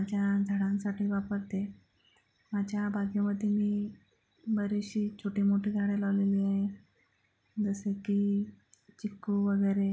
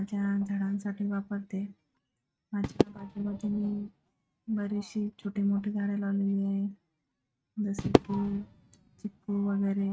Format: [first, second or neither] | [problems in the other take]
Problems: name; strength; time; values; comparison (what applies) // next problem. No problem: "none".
first | noise reduction (neural mask model RNNoise)